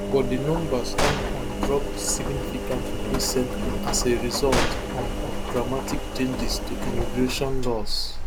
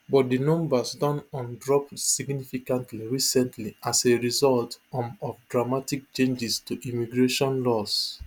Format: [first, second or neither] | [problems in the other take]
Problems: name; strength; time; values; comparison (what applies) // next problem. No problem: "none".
second | background sound (Gunshot, gunfire + Engine); 1 dB above the speech